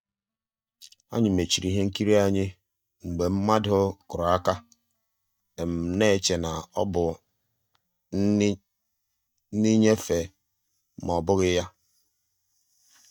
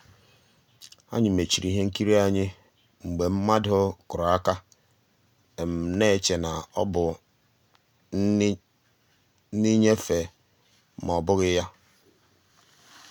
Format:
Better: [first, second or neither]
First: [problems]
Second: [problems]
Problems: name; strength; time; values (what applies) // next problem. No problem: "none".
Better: second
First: noise reduction (neural mask model DeepFilterNet 3)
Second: none